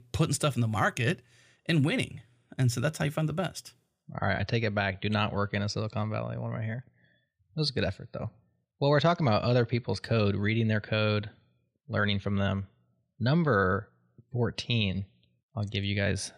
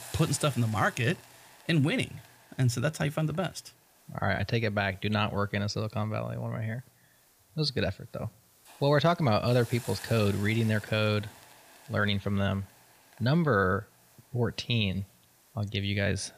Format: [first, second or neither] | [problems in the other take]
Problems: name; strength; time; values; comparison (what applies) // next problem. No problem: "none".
first | hiss; faint; throughout; 20 dB below the speech